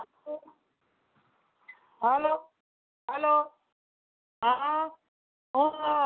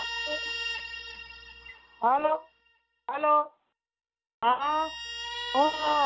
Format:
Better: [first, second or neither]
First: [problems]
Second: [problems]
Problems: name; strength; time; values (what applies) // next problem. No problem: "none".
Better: first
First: none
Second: background sound (Guitar); 9 dB below the speech